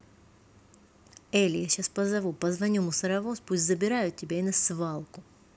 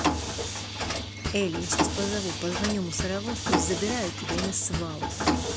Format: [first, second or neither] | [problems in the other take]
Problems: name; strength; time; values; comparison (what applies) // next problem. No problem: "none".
first | background sound (Mechanisms); 2 dB above the speech